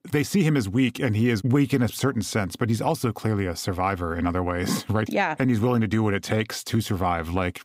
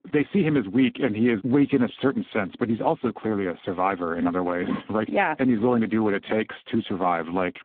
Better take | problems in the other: first | phone-call audio; poor line

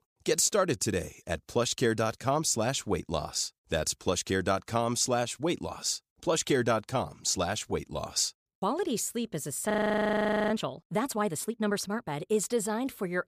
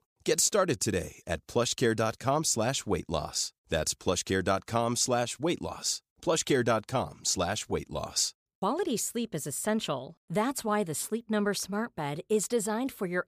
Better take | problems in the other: second | audio freezing; at 9.5 s for 1 s

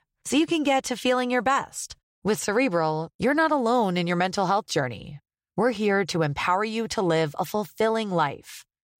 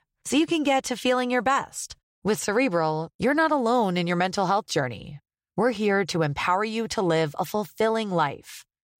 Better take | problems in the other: neither | none

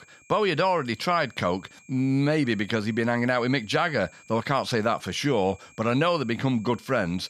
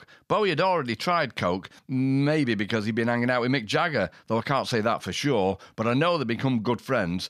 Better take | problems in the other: second | high-pitched whine; faint; throughout; 2.5 kHz, 25 dB below the speech

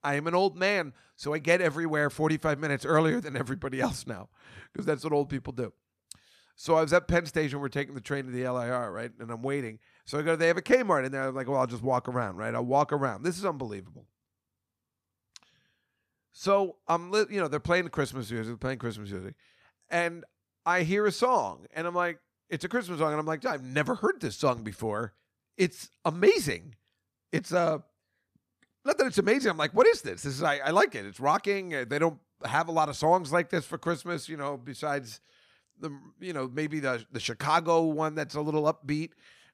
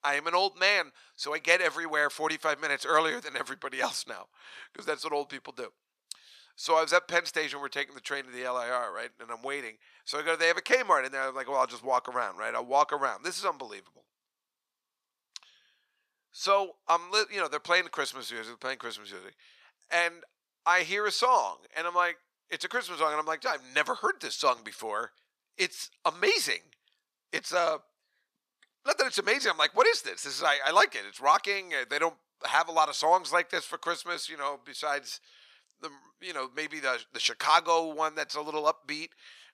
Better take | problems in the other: first | thin; very; fading below 600 Hz

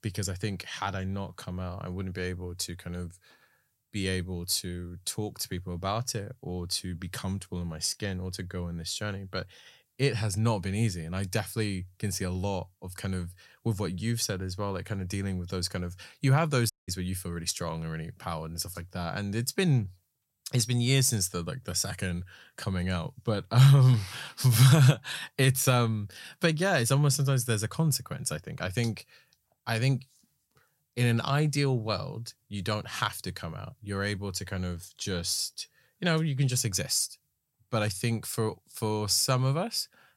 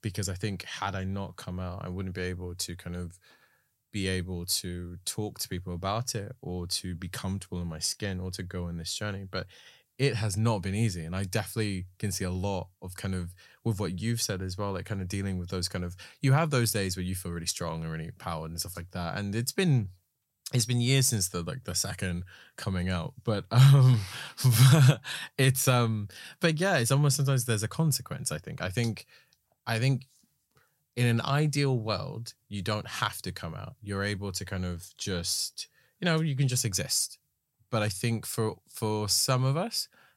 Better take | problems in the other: second | audio cutting out; at 17 s

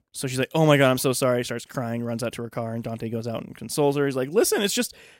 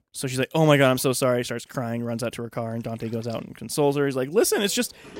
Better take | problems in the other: first | household noises; faint; from 2 s on; 25 dB below the speech

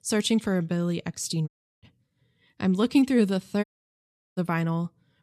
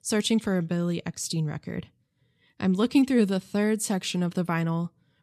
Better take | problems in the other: second | audio cutting out; at 1.5 s and at 3.5 s for 0.5 s

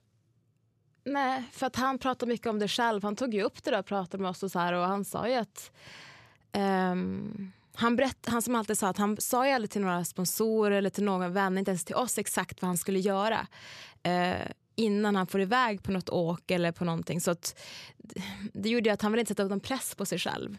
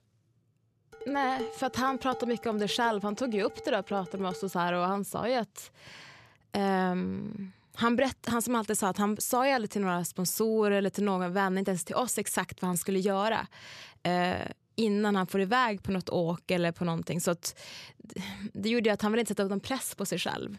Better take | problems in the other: first | clattering dishes; noticeable; from 1 to 4.5 s; peak 10 dB below the speech

